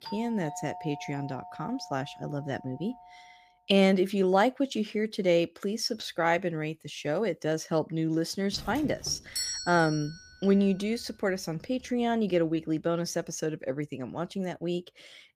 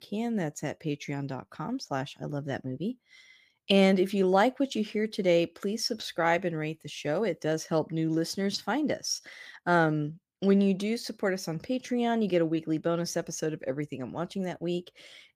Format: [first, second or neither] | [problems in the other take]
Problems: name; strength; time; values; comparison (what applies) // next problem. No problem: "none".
second | doorbell; faint; until 3.5 s; peak 10 dB below the speech // doorbell; noticeable; from 8.5 to 10 s; peak 2 dB below the speech